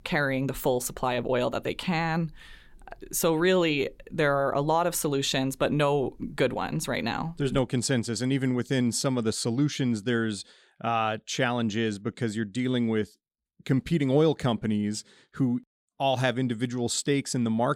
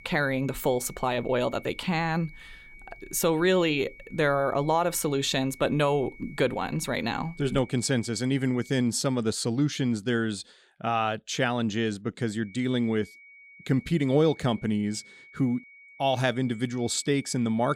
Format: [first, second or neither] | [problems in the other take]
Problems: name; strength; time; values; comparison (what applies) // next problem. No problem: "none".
first | high-pitched whine; faint; until 9 s and from 12 s on; 2.5 kHz, 20 dB below the speech